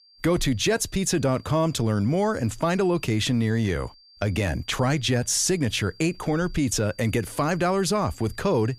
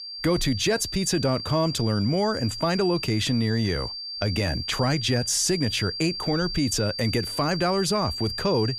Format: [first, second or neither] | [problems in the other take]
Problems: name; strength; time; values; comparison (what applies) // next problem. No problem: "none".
first | high-pitched whine; loud; throughout; 4.5 kHz, 6 dB below the speech; faint in the first